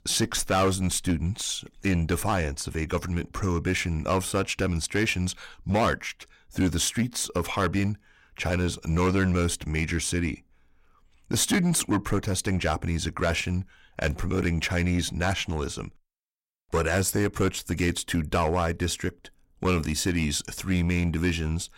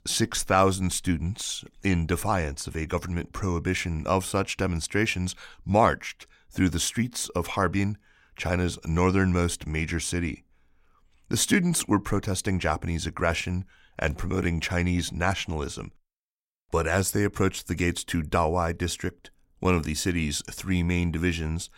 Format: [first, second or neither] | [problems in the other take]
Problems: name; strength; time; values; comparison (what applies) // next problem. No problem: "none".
second | distortion; slight; 5% of the sound clipped